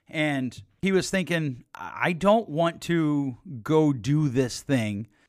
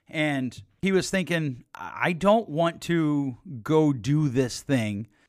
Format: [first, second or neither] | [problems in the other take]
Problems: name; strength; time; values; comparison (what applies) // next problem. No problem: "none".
neither | none